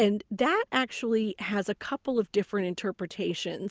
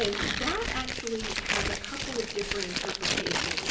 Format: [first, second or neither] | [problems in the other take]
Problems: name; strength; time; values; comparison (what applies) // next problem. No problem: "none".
first | background sound (Tearing); 4 dB above the speech // room echo; dies away in 0.6 s